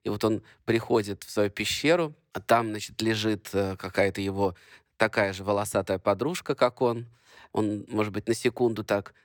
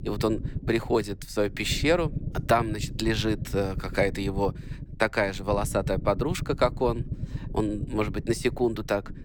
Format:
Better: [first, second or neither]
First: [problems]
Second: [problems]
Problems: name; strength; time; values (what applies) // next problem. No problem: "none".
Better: first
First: none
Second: low rumble; noticeable; throughout; 20 dB below the speech